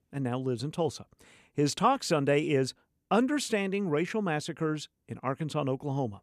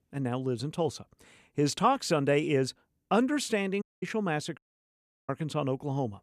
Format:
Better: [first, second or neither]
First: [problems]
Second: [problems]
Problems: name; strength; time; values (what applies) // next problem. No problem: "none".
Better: first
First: none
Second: audio cutting out; at 4 s and at 4.5 s for 0.5 s